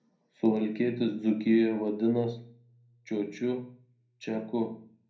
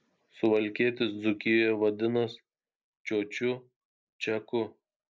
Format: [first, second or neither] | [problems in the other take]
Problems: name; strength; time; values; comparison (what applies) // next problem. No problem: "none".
second | room echo; dies away in 0.5 s